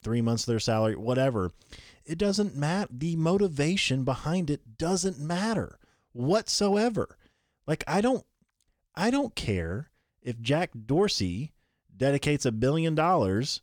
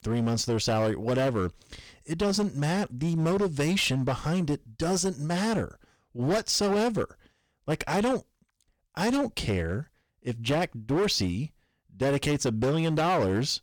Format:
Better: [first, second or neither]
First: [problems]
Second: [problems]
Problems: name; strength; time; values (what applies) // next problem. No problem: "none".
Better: first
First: none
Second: distortion; slight; 13% of the sound clipped